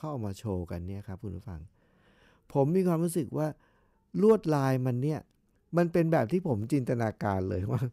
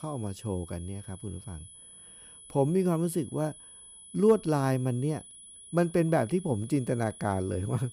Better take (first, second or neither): first